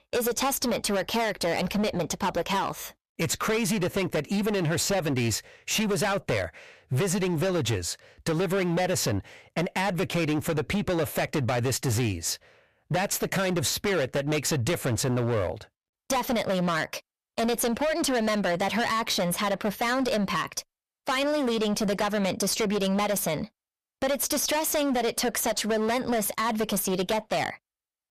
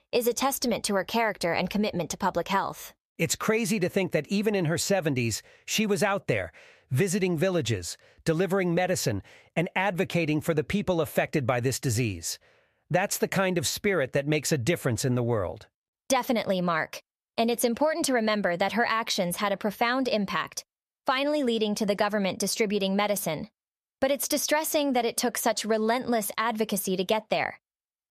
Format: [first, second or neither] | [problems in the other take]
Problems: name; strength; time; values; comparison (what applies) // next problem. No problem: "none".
second | distortion; heavy; 23% of the sound clipped